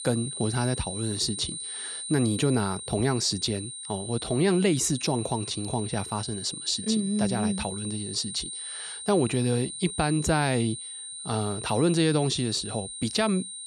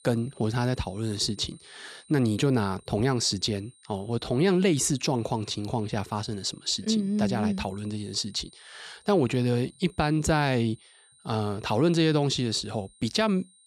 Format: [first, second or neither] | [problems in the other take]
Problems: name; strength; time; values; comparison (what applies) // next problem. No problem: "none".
second | high-pitched whine; loud; throughout; 9 kHz, 8 dB below the speech; faint in the second